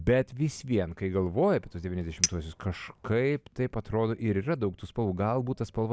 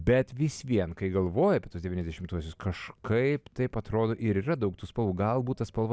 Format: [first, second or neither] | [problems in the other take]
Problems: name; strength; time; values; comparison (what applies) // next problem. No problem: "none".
second | background sound (Chink, clink); 9 dB below the speech